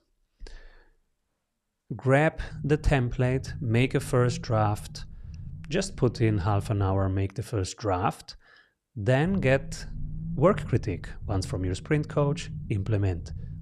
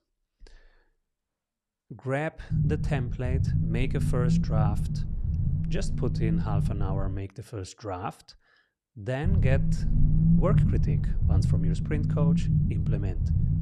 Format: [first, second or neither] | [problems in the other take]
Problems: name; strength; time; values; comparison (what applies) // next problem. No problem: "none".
first | low rumble; loud; from 2.5 to 7 s and from 9 s on; 2 dB below the speech; faint in the first